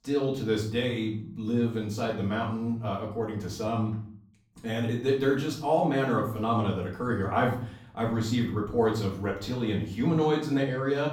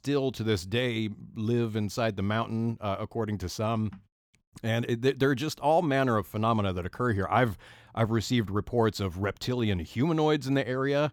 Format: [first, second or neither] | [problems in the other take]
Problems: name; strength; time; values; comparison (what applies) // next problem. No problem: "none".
second | off-mic speech; far // room echo; slight; dies away in 0.5 s